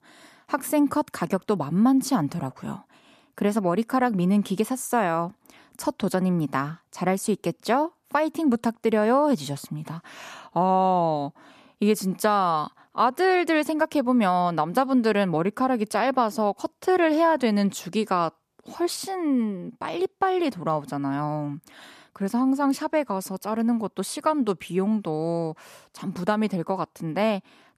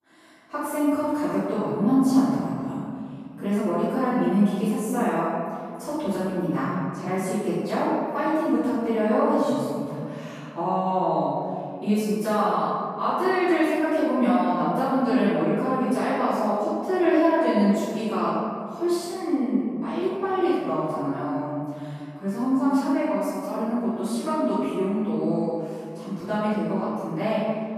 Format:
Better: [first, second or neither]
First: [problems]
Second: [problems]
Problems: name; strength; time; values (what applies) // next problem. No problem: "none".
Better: first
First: none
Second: off-mic speech; far // room echo; strong; dies away in 2.1 s